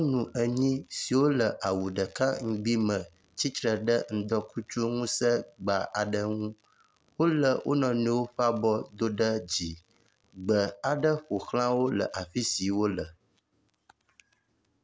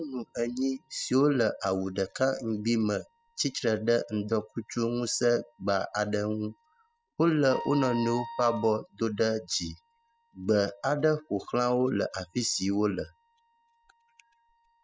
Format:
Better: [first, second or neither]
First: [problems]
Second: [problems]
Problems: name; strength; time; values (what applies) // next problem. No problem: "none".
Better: first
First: none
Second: noise reduction (classical method spectral subtraction)